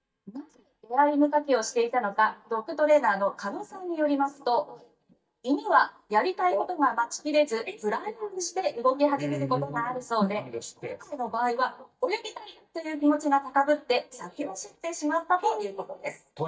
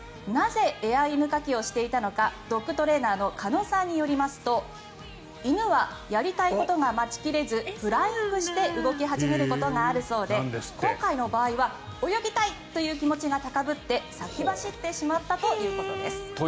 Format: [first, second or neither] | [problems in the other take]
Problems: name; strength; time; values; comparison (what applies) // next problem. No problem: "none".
second | noise reduction (neural mask model DeepFilterNet 3)